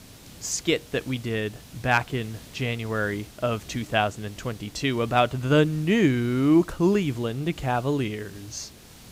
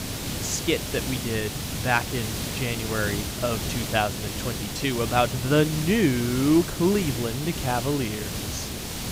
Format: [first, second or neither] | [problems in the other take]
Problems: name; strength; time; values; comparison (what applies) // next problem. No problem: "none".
first | hiss; loud; throughout; 5 dB below the speech; faint in the first